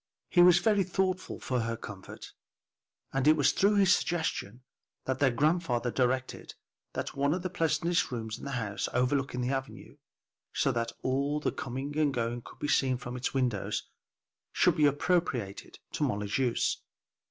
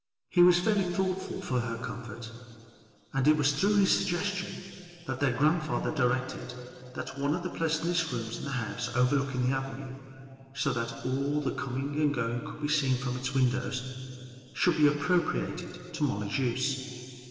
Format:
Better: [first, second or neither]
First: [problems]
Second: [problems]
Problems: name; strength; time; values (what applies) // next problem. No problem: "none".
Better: first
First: none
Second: room echo; dies away in 2.8 s